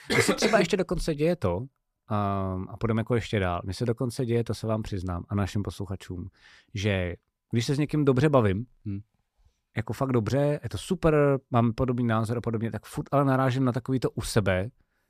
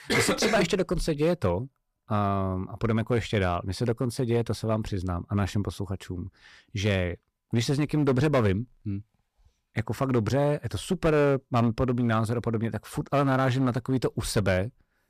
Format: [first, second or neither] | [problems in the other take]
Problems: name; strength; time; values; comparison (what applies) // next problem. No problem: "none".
first | distortion; slight; 5% of the sound clipped